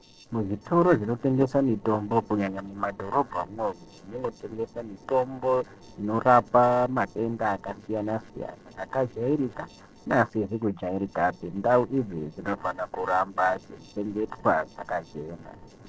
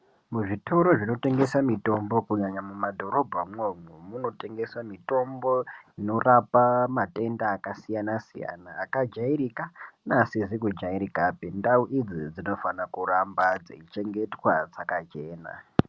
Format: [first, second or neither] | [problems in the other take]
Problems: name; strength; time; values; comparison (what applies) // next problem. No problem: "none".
second | noise reduction (neural separator model SepFormer DNS4)